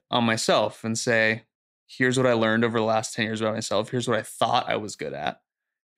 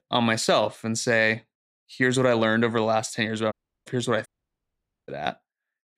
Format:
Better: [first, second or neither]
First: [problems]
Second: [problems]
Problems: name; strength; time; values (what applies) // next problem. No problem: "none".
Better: first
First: none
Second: audio cutting out; at 3.5 s and at 4.5 s for 1 s